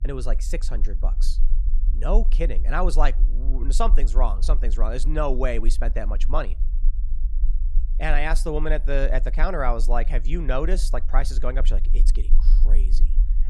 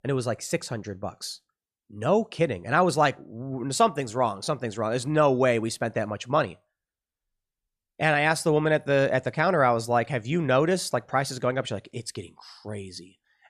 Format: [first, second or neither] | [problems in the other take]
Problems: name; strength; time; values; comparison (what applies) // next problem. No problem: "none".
second | low rumble; faint; throughout; 20 dB below the speech